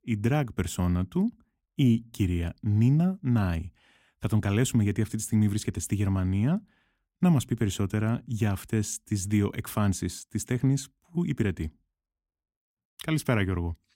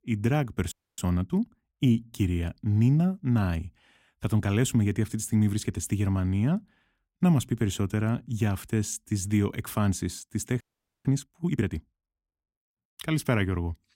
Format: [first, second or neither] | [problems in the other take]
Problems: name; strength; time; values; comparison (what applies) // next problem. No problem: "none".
first | audio freezing; at 0.5 s and at 11 s